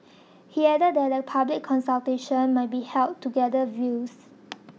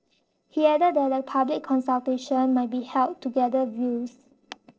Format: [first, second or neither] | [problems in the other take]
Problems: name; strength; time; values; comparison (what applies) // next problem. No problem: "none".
first | noise reduction (neural separator model SepFormer DNS4)